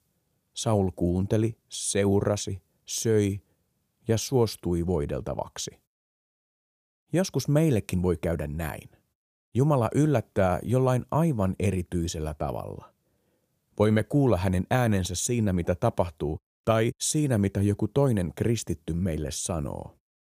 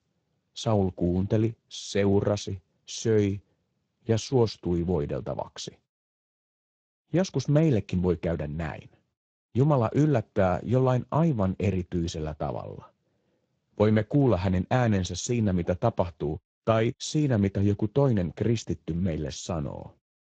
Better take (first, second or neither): first